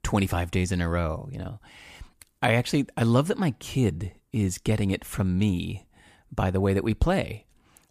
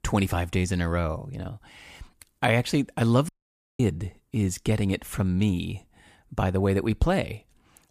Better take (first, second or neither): first